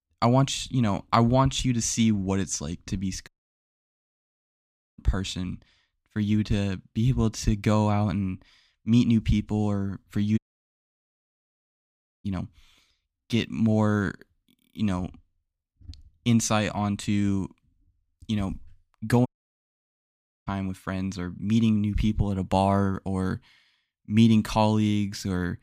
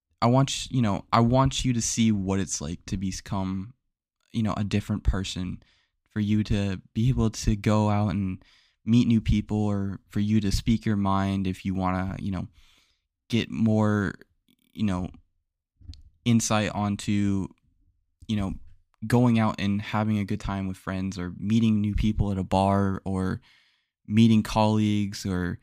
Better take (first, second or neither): second